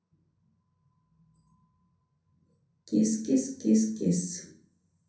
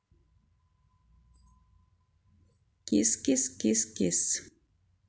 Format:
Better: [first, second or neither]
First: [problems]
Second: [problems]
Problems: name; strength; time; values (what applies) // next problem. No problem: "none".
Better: second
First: room echo; dies away in 0.6 s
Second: none